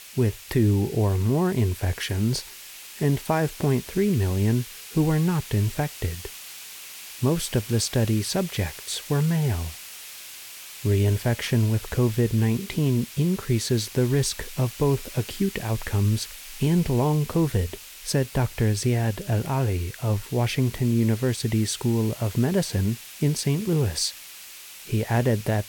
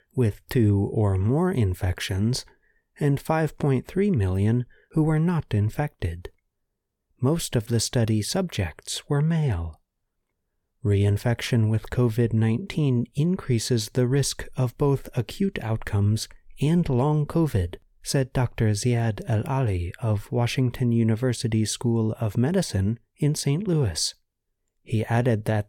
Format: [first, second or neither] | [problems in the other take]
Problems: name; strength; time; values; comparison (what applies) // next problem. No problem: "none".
second | hiss; noticeable; throughout; 15 dB below the speech